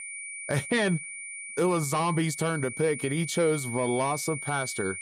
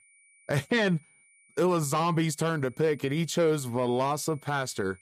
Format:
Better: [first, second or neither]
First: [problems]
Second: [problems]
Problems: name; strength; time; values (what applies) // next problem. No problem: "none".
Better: second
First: high-pitched whine; loud; throughout; 2.5 kHz, 8 dB below the speech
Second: high-pitched whine; faint; throughout; 2.5 kHz, 30 dB below the speech